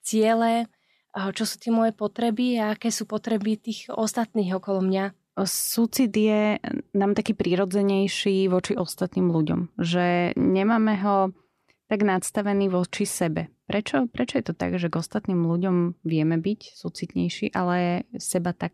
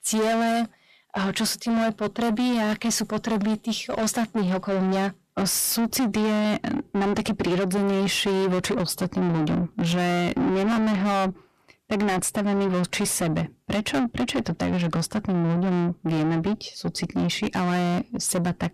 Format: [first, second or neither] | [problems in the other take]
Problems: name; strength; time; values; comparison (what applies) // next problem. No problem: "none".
first | distortion; heavy; 7 dB below the speech